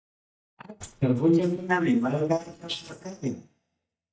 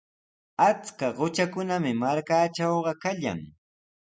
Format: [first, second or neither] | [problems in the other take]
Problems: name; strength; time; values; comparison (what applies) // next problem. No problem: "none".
second | noise reduction (neural mask model DeepFilterNet 3)